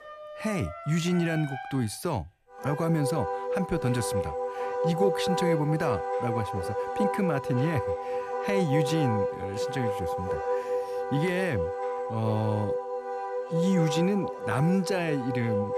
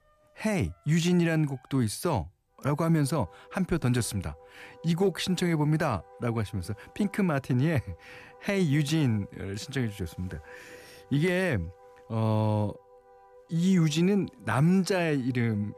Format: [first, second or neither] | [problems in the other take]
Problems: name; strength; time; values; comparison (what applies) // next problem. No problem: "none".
second | background music; loud; throughout; 2 dB below the speech; faint in the second